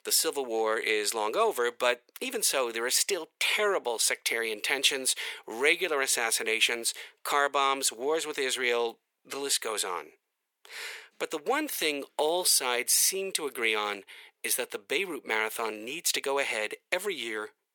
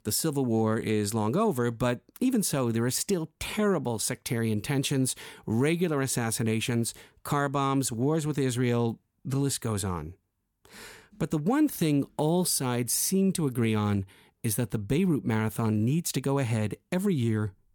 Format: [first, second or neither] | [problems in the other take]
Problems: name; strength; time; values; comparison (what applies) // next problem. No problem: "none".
second | thin; very; fading below 450 Hz